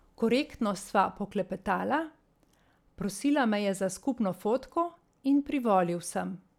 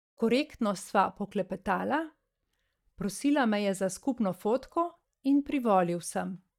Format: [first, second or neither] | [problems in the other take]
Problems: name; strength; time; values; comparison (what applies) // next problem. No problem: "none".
first | noise reduction (neural mask model DeepFilterNet 3)